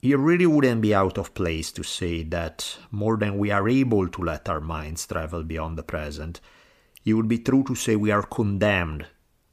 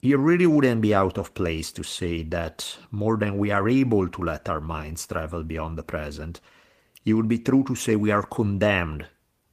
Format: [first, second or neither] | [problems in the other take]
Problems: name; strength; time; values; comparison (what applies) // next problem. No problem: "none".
first | garbled, watery; slightly; nothing above 15 kHz